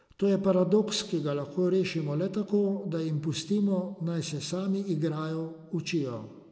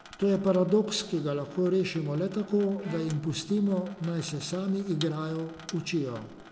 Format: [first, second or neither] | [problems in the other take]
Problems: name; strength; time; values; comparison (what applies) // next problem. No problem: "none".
first | background sound (Bowed string instrument + Sink (filling or washing) / Water tap, faucet); 19 dB below the speech